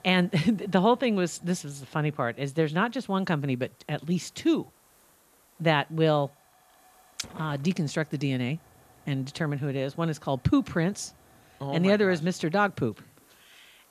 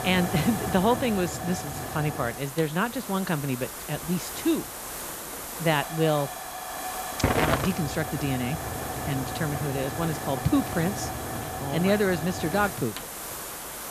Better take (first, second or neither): first